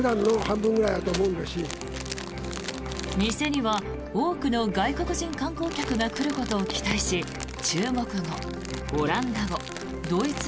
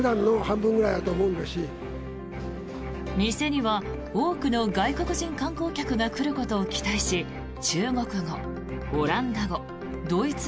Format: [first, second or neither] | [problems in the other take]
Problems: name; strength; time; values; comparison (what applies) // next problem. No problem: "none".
second | background sound (Crumpling, crinkling); 13 dB below the speech